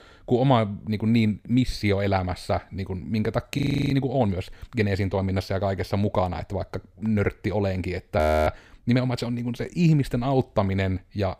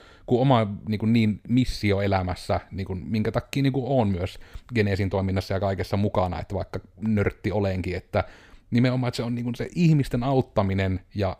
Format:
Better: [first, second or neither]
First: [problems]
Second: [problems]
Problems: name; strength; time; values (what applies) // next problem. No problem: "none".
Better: second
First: audio freezing; at 3.5 s and at 8 s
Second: none